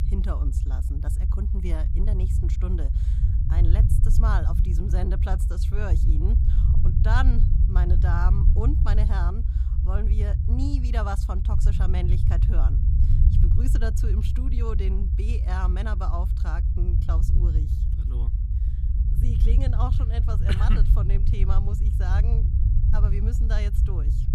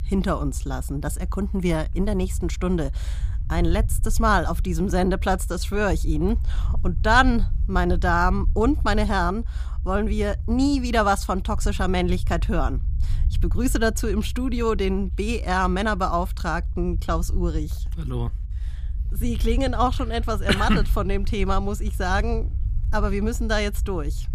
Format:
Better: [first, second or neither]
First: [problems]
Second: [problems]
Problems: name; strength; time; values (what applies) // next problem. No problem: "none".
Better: second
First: low rumble; loud; throughout; 4 dB below the speech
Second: low rumble; faint; throughout; 25 dB below the speech